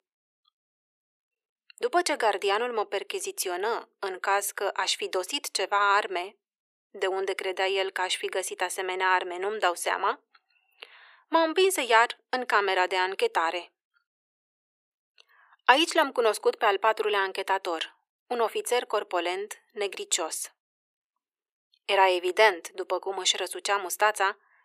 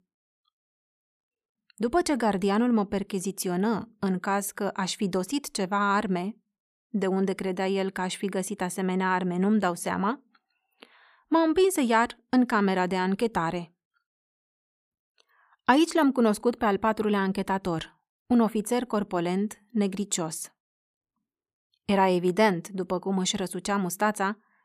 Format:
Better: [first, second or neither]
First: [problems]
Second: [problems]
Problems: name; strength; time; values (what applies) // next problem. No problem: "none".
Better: second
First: thin; very; fading below 400 Hz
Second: none